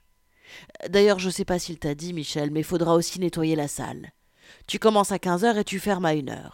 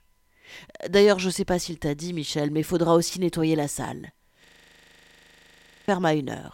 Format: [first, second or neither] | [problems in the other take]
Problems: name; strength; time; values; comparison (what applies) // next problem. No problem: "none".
first | audio freezing; at 4.5 s for 1.5 s